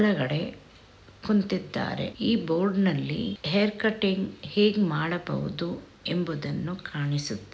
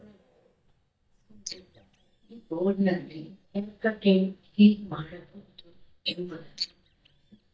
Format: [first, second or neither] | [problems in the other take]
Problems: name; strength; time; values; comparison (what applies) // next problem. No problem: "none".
first | noise reduction (neural mask model DeepFilterNet 3)